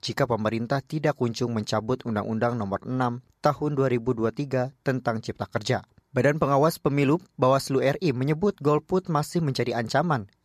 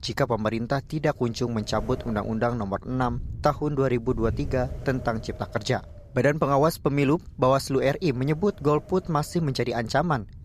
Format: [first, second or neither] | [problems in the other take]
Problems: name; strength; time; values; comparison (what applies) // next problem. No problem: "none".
first | wind noise on the microphone; occasional gusts; 20 dB below the speech